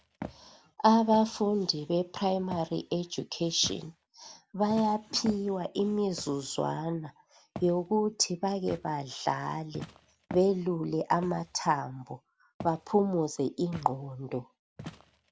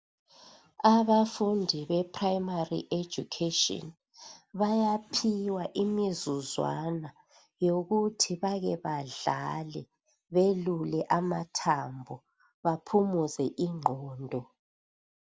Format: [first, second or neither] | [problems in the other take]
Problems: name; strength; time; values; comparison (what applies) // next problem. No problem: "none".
second | background sound (Walk, footsteps); 18 dB below the speech